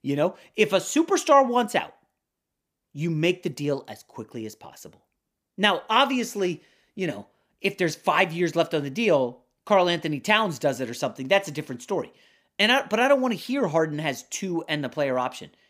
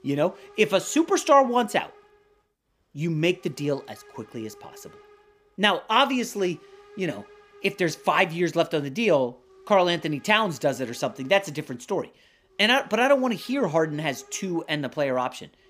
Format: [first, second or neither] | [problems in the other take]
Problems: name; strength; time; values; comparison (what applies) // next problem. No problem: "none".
first | hiss; faint; throughout; 25 dB below the speech